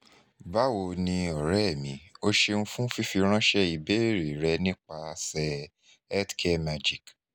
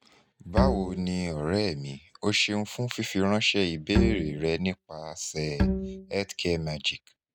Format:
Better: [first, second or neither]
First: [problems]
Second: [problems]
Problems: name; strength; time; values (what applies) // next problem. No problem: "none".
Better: first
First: none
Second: noise reduction (neural mask model RNNoise)